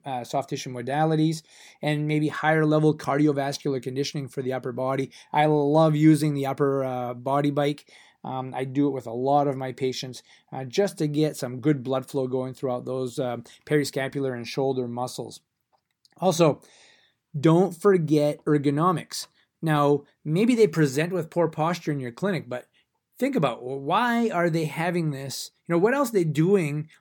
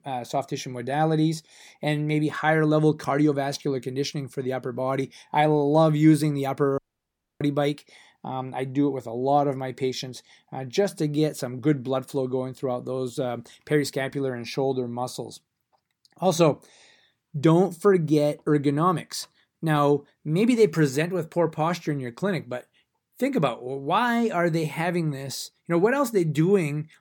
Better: first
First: none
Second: audio cutting out; at 7 s for 0.5 s

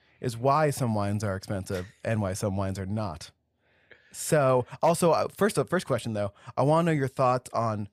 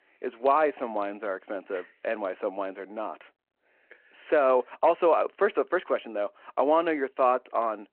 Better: first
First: none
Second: phone-call audio

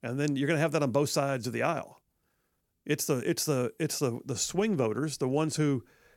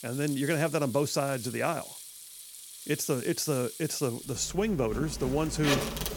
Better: first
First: none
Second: household noises; loud; throughout; 8 dB below the speech

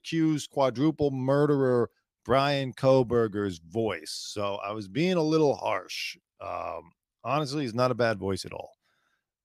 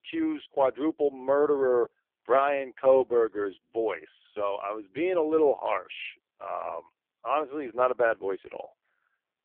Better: first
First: none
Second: phone-call audio; poor line

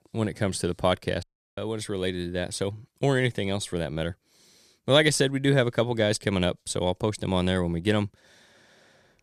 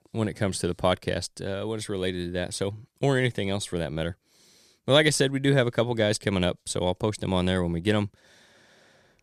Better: second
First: audio cutting out; at 1 s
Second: none

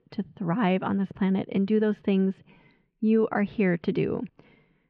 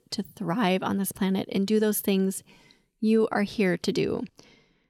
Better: second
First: muffled; very; fading above 2.5 kHz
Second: none

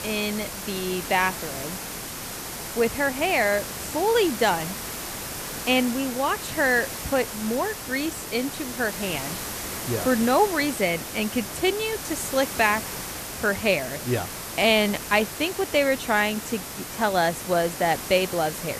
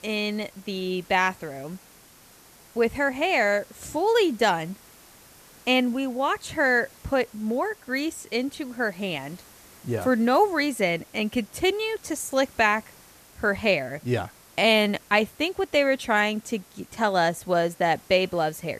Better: second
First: hiss; loud; throughout; 8 dB below the speech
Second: hiss; faint; throughout; 25 dB below the speech

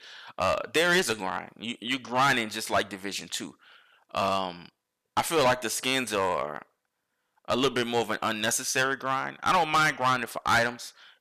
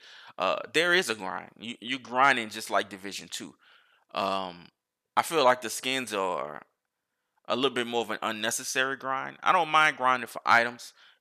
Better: second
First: distortion; heavy; 5% of the sound clipped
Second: none

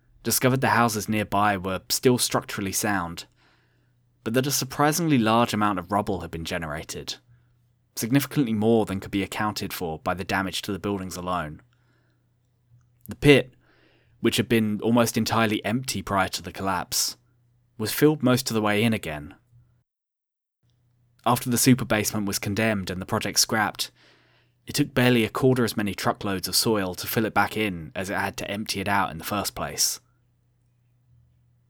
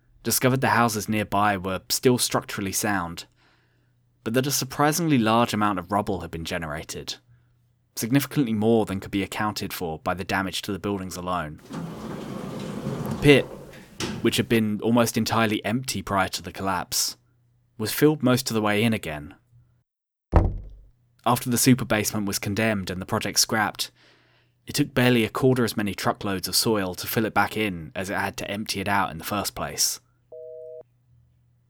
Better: first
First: none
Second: door banging; noticeable; from 12 to 15 s; peak 7 dB below the speech // door banging; loud; at 20 s; peak level with the speech // phone ringing; faint; at 30 s; peak 15 dB below the speech

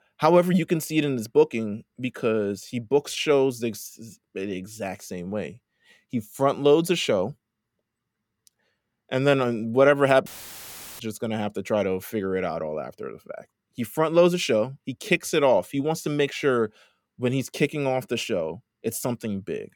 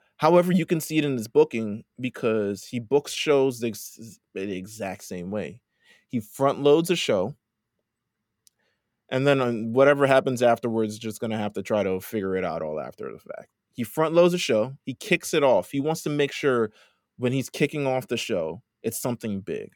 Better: second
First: audio cutting out; filled with static; at 10 s for 0.5 s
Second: none

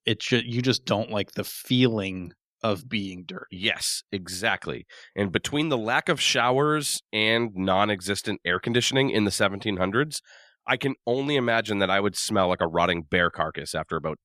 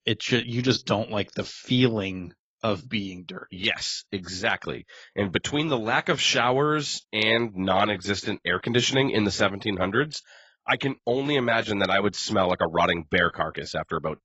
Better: first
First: none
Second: garbled, watery; badly; nothing above 7.5 kHz

